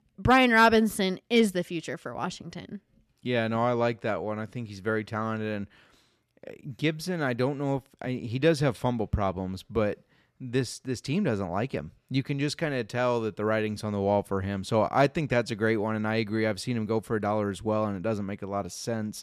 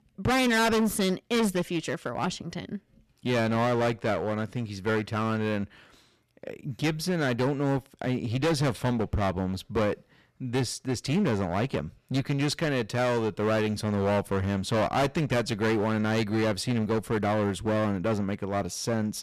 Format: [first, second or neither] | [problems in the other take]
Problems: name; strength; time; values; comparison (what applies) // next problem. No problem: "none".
first | distortion; heavy; 16% of the sound clipped